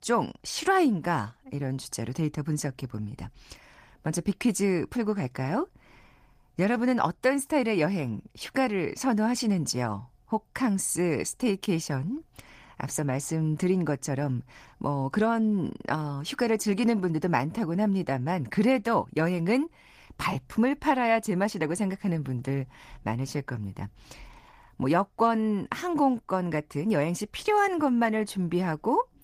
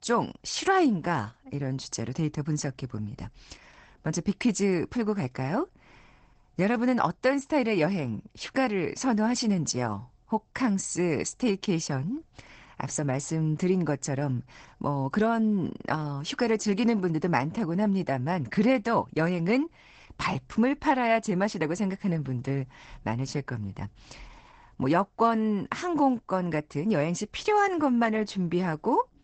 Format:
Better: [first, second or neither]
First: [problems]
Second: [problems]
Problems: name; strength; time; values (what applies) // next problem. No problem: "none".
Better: first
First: garbled, watery; slightly; nothing above 15 kHz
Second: garbled, watery; badly; nothing above 8 kHz